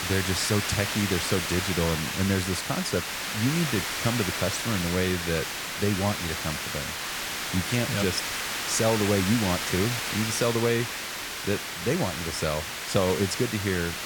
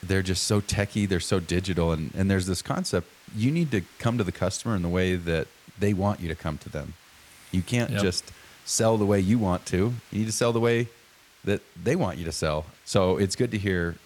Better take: second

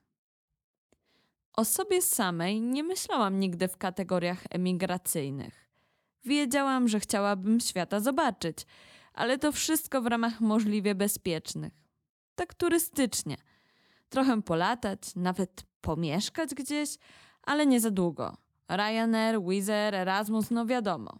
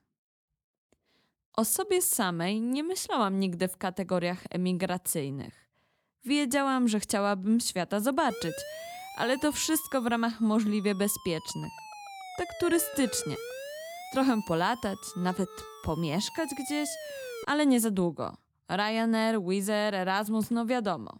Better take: first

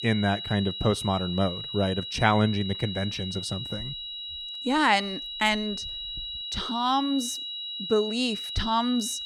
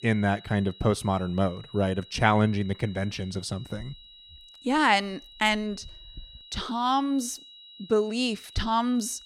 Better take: second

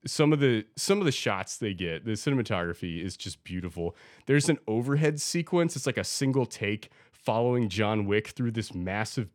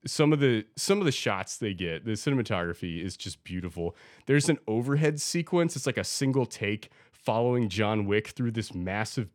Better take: neither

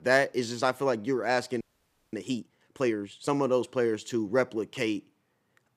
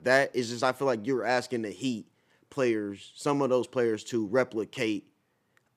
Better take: second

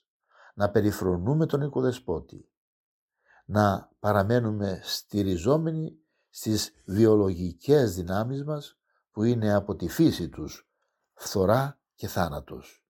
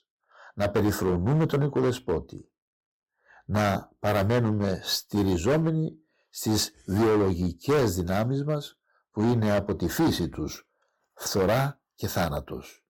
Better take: first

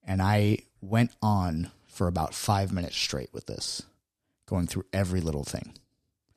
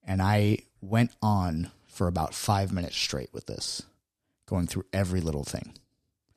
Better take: neither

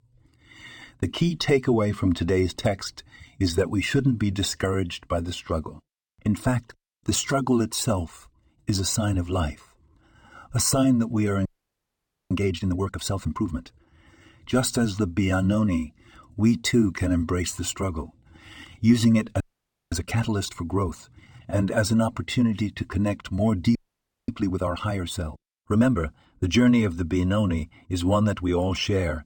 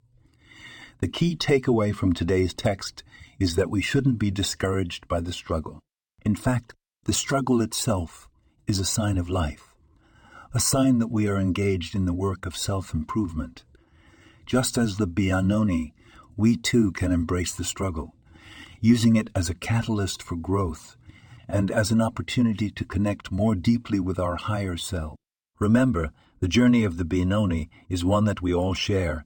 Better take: second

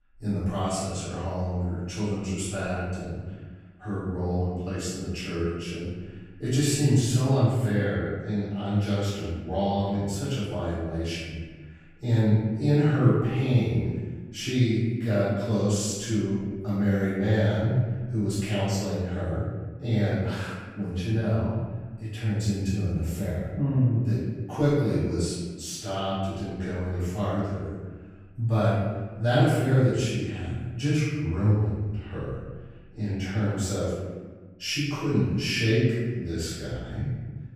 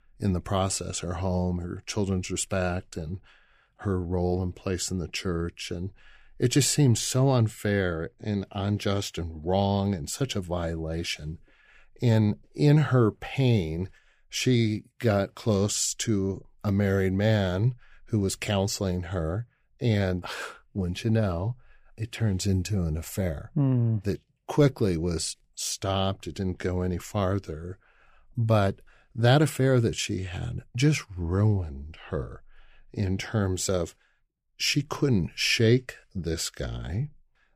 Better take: second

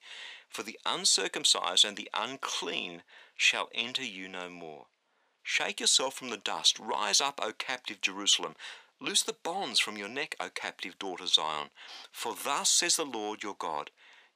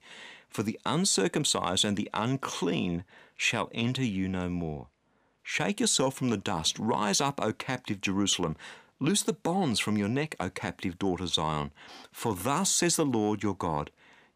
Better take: second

